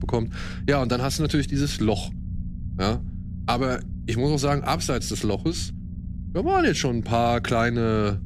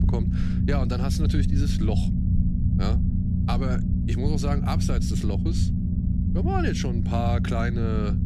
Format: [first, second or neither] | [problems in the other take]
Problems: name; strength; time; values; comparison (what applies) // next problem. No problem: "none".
first | low rumble; loud; throughout; 3 dB below the speech; faint in the first